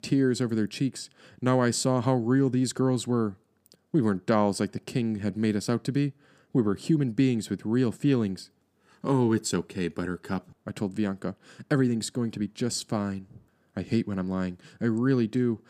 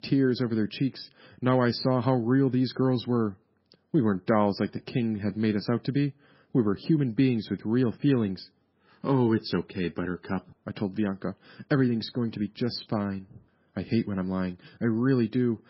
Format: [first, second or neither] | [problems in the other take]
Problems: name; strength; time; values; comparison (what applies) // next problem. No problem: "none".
first | garbled, watery; badly; nothing above 5.5 kHz